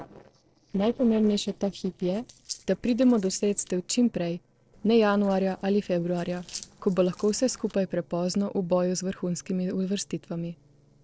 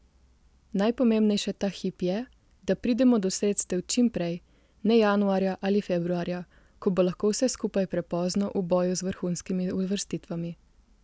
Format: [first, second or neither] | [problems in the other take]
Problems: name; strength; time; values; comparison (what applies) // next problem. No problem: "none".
second | noise reduction (neural separator model SepFormer DNS4)